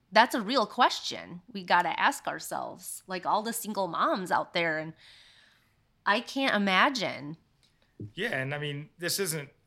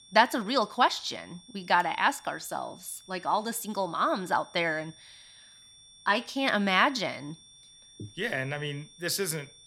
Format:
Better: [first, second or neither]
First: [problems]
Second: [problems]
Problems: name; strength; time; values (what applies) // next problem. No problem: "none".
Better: first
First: none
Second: high-pitched whine; faint; throughout; 3.5 kHz, 25 dB below the speech